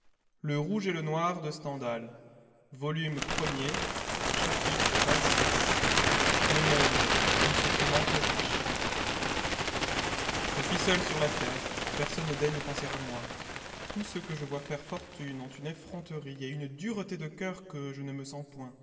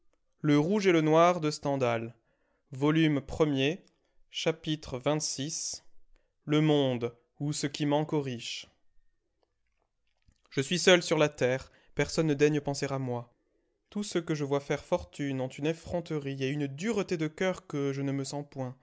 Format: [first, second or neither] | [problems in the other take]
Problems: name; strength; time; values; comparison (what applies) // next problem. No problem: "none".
second | background sound (Bird); 4 dB above the speech // room echo; dies away in 1.8 s